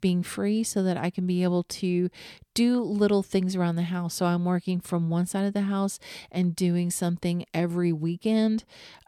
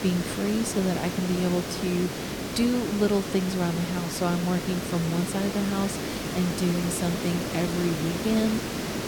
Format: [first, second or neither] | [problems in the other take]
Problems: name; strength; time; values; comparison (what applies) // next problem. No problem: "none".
first | hiss; loud; throughout; 4 dB below the speech